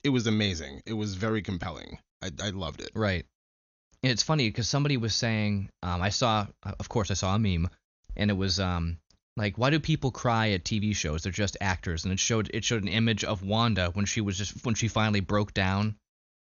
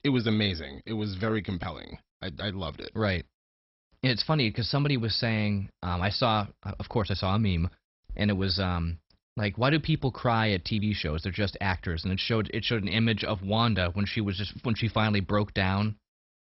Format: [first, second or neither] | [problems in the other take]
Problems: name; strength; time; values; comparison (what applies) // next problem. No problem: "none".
first | garbled, watery; badly; nothing above 5.5 kHz; slightly in the first